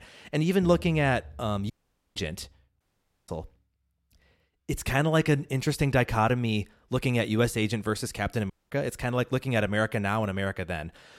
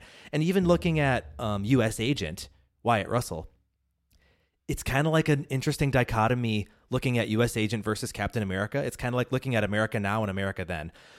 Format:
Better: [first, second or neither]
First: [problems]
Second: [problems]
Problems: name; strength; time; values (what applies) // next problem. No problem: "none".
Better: second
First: audio cutting out; at 1.5 s, at 3 s and at 8.5 s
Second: none